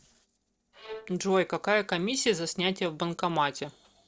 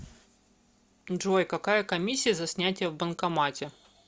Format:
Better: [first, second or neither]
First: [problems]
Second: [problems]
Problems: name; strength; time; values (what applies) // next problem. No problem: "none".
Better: second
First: noise reduction (neural separator model SepFormer DNS4)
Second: none